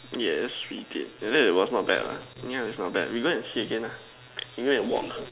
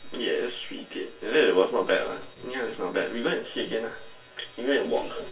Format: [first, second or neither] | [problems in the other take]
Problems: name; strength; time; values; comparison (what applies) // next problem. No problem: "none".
first | room echo; dies away in 0.2 s